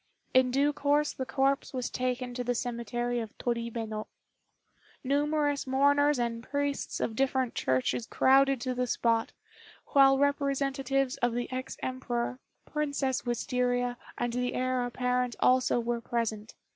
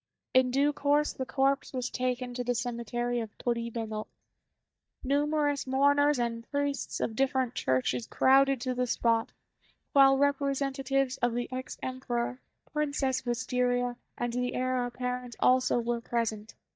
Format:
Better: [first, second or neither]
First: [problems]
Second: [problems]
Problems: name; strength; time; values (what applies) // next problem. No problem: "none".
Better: first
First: none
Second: noise reduction (neural mask model DeepFilterNet 3)